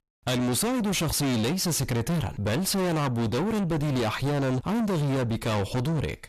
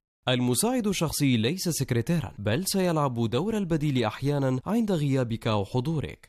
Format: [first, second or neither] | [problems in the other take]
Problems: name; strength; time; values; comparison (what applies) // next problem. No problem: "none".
second | distortion; heavy; 6 dB below the speech